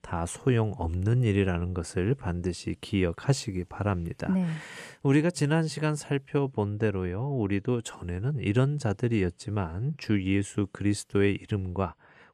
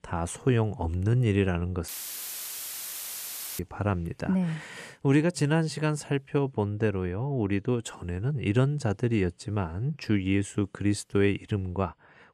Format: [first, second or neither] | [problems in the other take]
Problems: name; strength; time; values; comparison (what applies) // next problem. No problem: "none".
first | audio cutting out; filled with static; at 2 s for 1.5 s